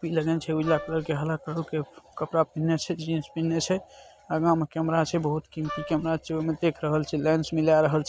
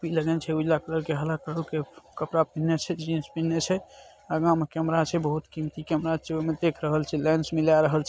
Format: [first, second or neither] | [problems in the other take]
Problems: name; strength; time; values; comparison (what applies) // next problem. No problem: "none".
second | background sound (Wind instrument, woodwind instrument); 13 dB below the speech